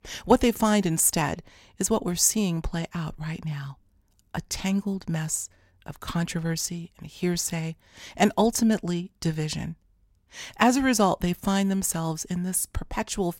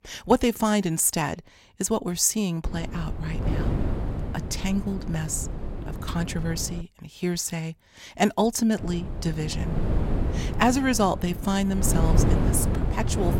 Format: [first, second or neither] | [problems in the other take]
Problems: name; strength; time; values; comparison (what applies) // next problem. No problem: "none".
first | wind noise on the microphone; heavy; from 2.5 to 7 s and from 9 s on; 9 dB below the speech